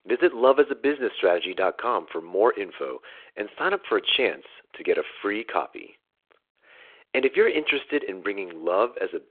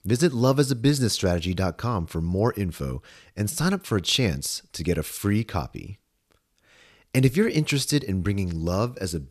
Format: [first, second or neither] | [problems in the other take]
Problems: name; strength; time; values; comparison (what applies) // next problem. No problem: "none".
second | phone-call audio; nothing above 3.5 kHz